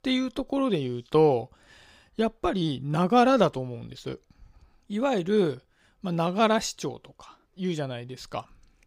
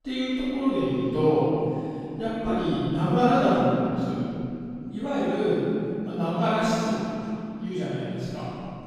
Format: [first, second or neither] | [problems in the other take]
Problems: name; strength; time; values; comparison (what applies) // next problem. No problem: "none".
first | off-mic speech; far // room echo; strong; dies away in 3 s